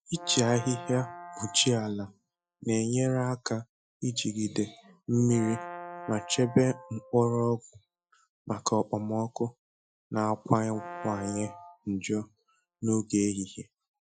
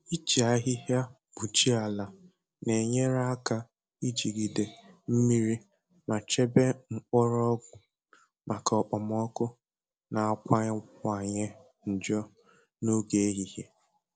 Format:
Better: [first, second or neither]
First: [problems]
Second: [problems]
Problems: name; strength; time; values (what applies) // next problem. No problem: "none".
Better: second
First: noise reduction (classical method Wiener filter)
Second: none